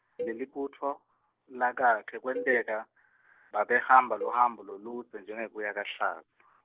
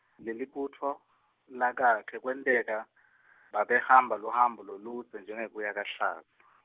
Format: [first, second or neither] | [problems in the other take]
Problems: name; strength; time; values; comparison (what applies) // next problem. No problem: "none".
second | noise reduction (neural separator model SepFormer DNS4)